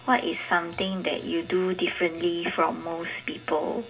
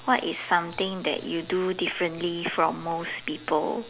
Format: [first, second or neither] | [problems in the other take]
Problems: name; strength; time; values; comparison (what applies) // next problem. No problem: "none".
second | room echo; dies away in 0.4 s